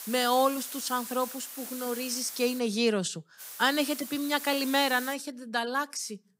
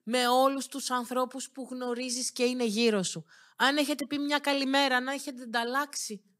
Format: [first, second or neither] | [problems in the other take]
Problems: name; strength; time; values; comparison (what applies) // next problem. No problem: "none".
second | hiss; noticeable; until 2.5 s and from 3.5 to 5 s; 10 dB below the speech